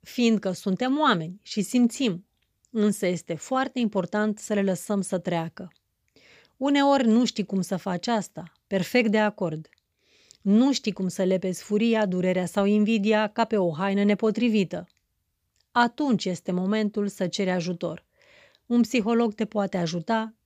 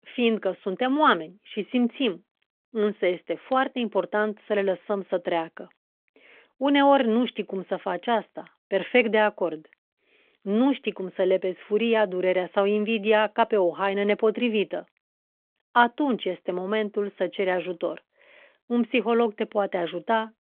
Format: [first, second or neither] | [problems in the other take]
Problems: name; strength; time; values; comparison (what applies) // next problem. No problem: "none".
first | phone-call audio; nothing above 3.5 kHz